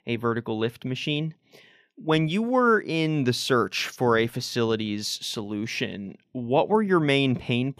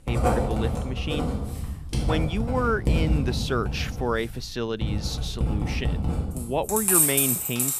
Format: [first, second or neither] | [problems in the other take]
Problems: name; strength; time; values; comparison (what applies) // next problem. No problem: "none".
first | household noises; very loud; throughout; 3 dB above the speech